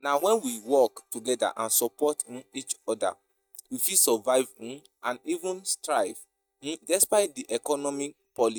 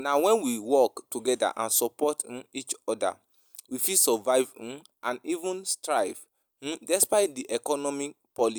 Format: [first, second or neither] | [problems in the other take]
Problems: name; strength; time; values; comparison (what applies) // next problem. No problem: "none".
second | noise reduction (neural mask model DeepFilterNet 3)